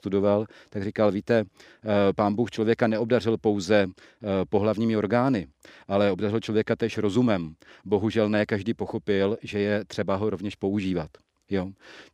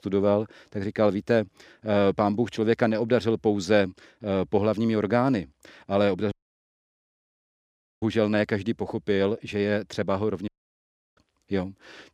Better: first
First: none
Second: audio cutting out; at 6.5 s for 1.5 s and at 10 s for 0.5 s

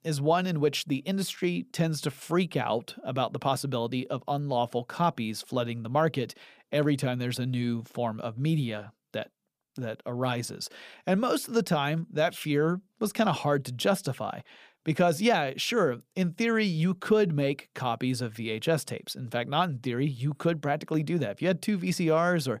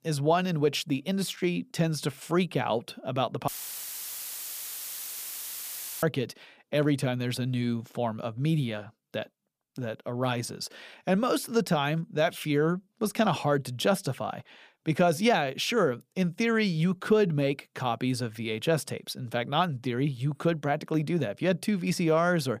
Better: first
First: none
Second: audio cutting out; filled with static; at 3.5 s for 2.5 s

